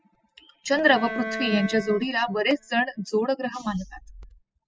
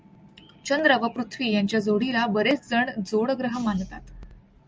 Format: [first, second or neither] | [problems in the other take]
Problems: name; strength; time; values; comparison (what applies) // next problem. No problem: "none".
second | noise reduction (classical method spectral subtraction)